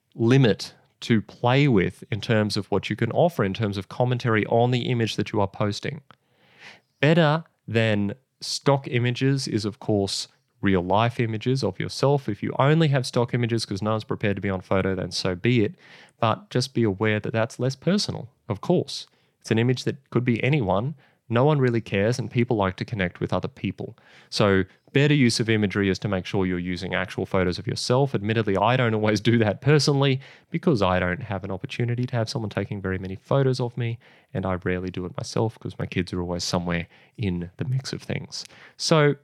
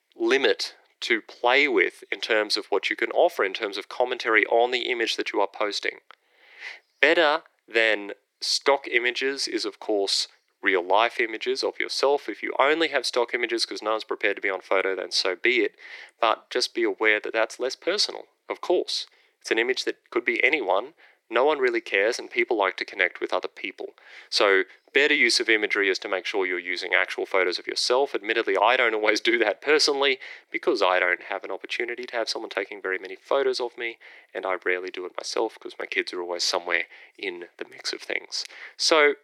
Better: first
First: none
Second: thin; very; fading below 350 Hz

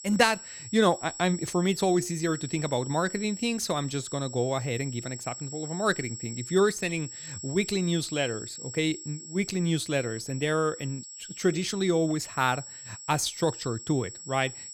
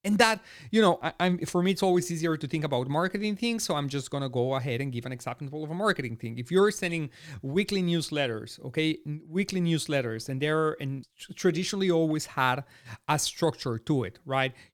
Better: second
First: high-pitched whine; noticeable; throughout; 7.5 kHz, 10 dB below the speech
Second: none

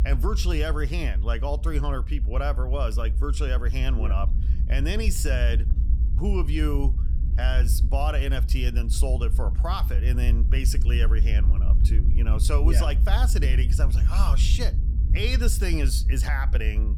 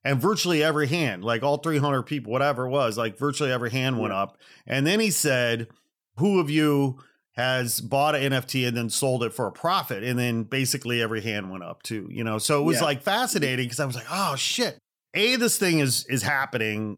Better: second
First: low rumble; noticeable; throughout; 10 dB below the speech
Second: none

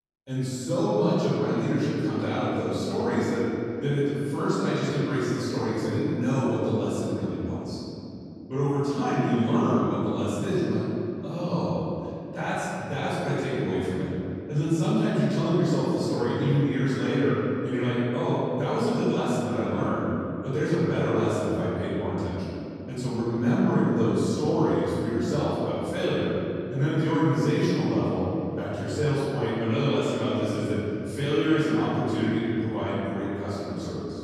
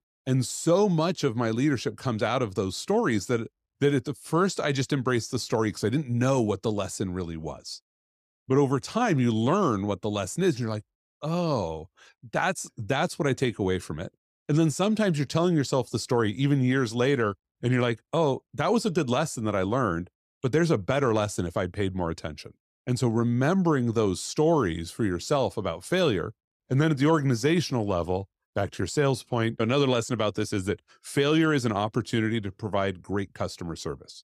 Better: second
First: room echo; strong; dies away in 3 s // off-mic speech; far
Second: none

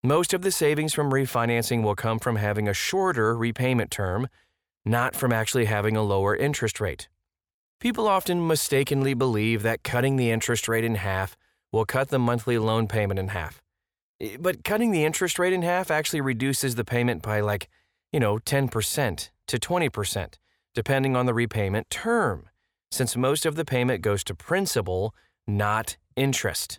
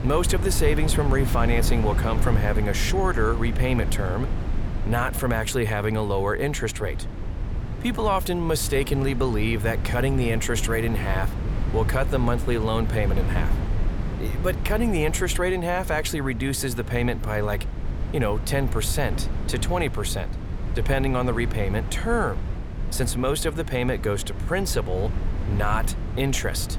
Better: first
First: none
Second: wind noise on the microphone; occasional gusts; 10 dB below the speech

